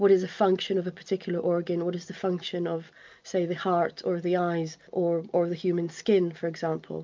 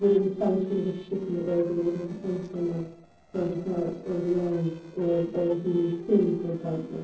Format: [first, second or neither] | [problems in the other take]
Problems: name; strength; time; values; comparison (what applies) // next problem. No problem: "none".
first | noise reduction (neural separator model SepFormer DNS4)